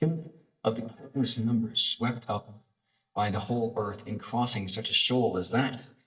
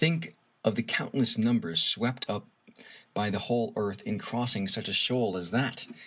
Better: second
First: noise reduction (neural mask model DeepFilterNet 3)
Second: none

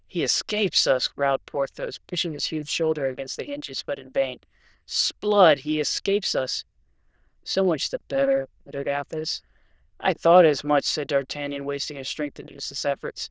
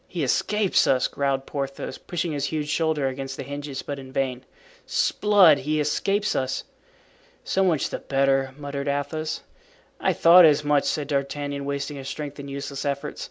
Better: second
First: noise reduction (neural diffusion model UNIVERSE++)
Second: none

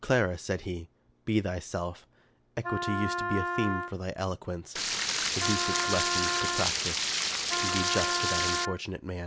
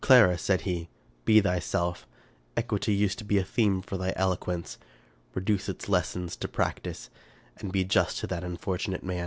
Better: second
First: background sound (Stream + Wind instrument, woodwind instrument); 3 dB above the speech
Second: none

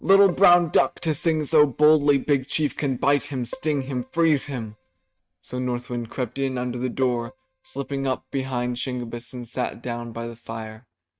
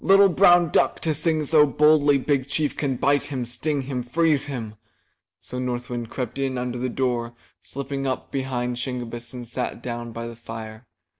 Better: second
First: noise reduction (neural mask model RNNoise)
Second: none

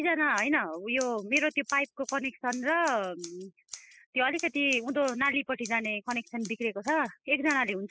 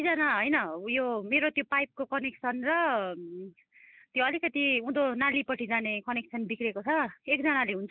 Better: second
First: noise reduction (classical method spectral subtraction)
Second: none

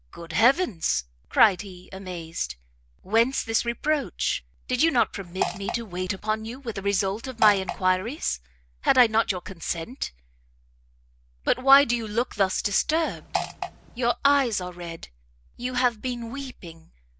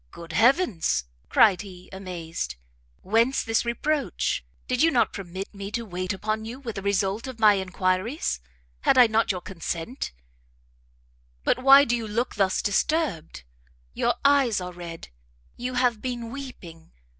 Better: second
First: background sound (Fart); 6 dB below the speech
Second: none

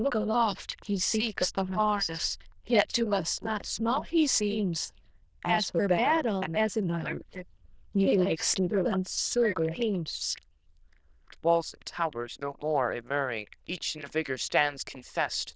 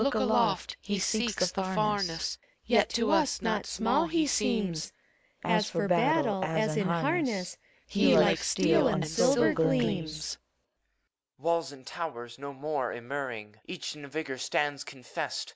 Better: second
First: noise reduction (neural diffusion model UNIVERSE++)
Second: none

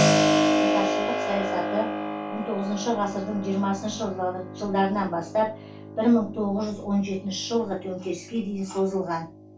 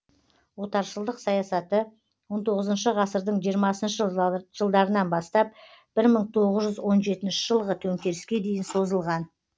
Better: second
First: background sound (Keyboard (musical)); 1 dB below the speech // room echo; dies away in 0.2 s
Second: none

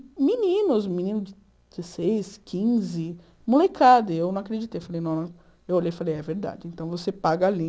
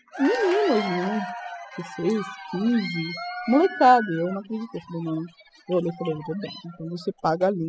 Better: first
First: none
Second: noise reduction (classical method spectral subtraction)

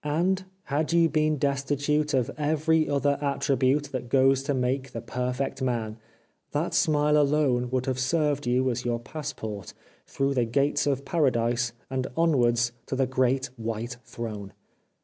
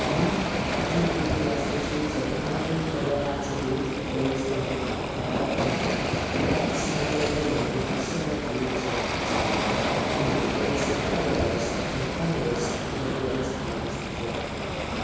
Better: first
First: none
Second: background sound (Waves, surf); 3 dB above the speech // room echo; dies away in 1.2 s

